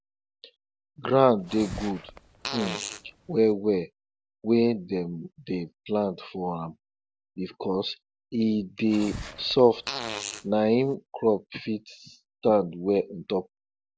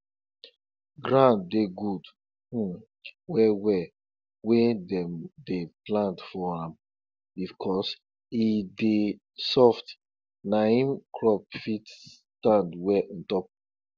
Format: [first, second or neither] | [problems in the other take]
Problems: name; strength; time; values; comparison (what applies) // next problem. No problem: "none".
second | background sound (Fart); 11 dB below the speech